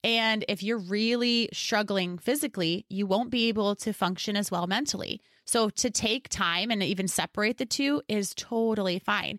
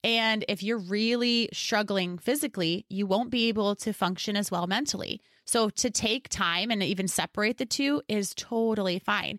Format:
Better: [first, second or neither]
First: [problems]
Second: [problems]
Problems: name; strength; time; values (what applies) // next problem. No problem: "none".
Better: neither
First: none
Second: none